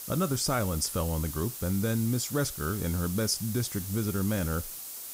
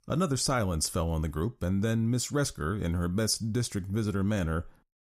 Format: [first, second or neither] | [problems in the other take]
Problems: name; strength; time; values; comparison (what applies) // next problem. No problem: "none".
second | hiss; loud; throughout; 7 dB below the speech